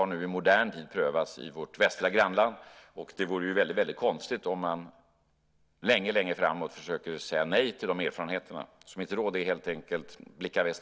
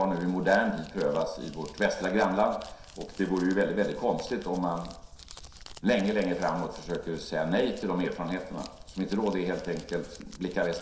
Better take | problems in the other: first | background sound (Crumpling, crinkling); 18 dB below the speech // room echo; dies away in 0.7 s

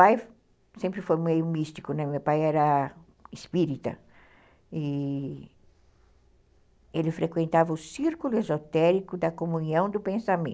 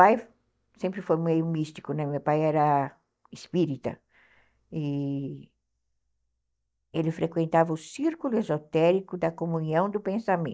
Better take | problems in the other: first | noise reduction (neural mask model DeepFilterNet 3)

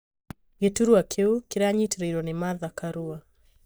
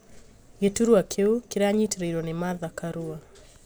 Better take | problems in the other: second | noise reduction (neural mask model DeepFilterNet 3)

